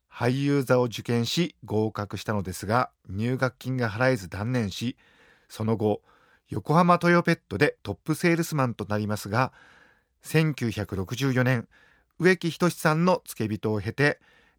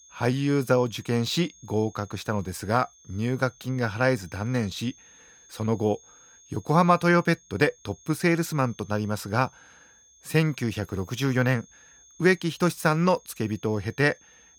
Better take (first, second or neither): first